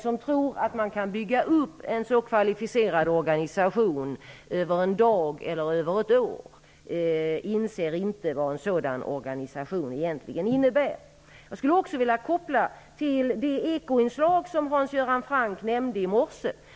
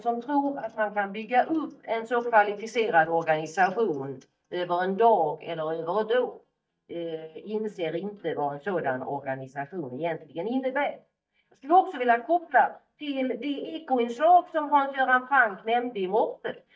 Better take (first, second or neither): first